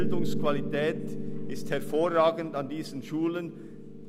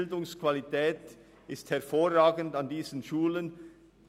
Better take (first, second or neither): second